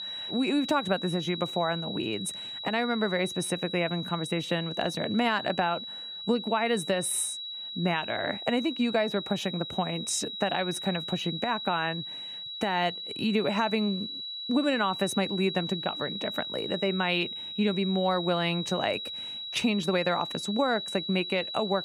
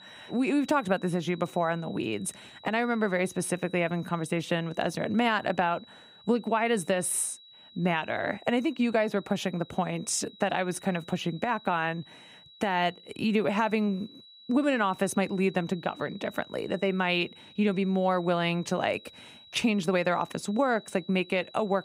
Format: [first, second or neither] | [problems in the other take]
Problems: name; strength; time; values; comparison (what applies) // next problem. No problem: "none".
second | high-pitched whine; loud; throughout; 4 kHz, 6 dB below the speech; faint in the second